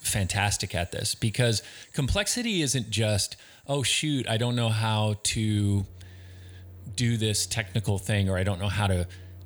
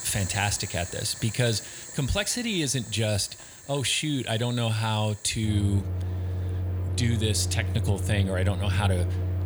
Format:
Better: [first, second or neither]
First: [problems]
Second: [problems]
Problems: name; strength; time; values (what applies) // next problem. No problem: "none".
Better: first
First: household noises; faint; throughout; 20 dB below the speech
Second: household noises; loud; throughout; 5 dB below the speech